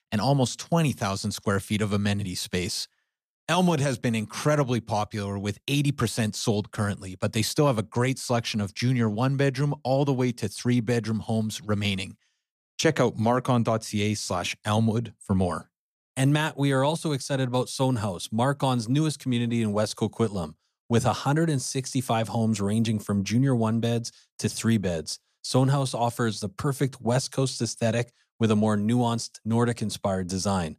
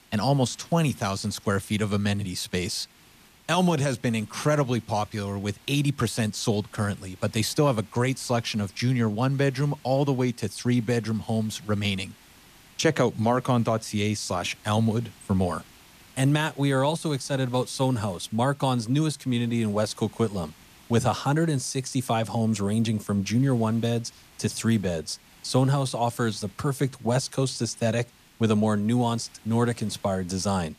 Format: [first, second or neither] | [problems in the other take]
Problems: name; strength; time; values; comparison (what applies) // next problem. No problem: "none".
first | hiss; faint; throughout; 25 dB below the speech